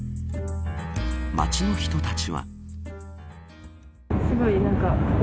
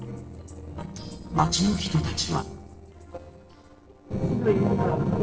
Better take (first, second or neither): first